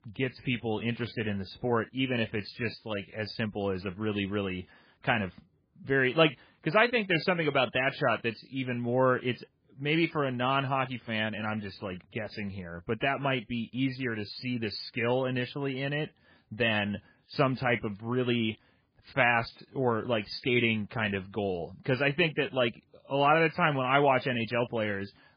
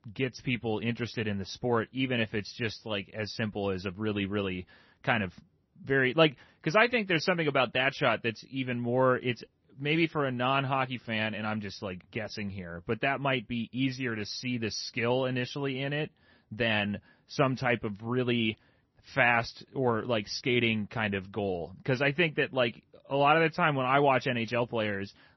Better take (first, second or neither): second